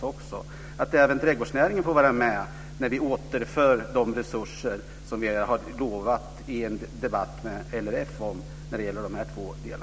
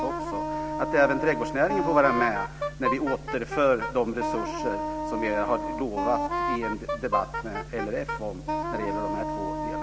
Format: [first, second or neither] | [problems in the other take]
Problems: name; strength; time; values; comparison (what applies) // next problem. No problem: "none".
first | background sound (Wind instrument, woodwind instrument); 3 dB below the speech